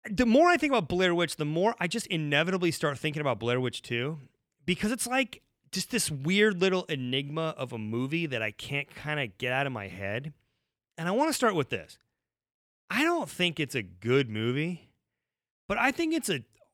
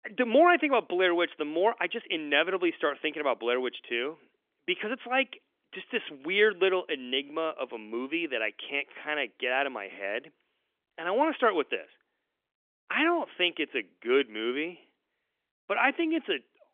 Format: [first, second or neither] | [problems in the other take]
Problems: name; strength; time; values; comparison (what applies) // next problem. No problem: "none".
first | phone-call audio; nothing above 3.5 kHz